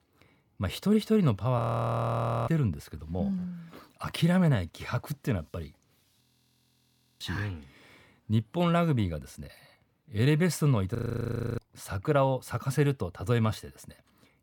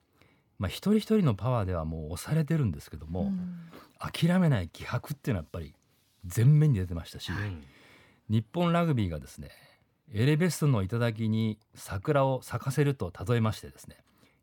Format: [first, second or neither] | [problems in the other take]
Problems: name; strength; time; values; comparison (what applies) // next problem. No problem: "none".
second | audio freezing; at 1.5 s for 1 s, at 6 s for 1 s and at 11 s for 0.5 s